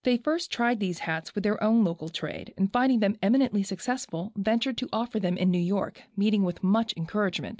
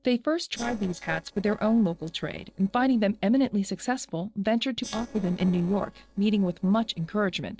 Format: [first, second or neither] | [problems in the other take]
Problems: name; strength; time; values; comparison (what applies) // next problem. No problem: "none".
first | noise reduction (neural separator model SepFormer DNS4)